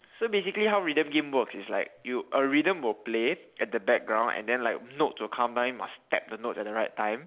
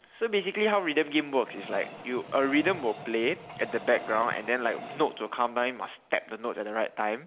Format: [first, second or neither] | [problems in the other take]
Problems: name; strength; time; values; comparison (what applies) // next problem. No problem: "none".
first | background sound (Train); 17 dB below the speech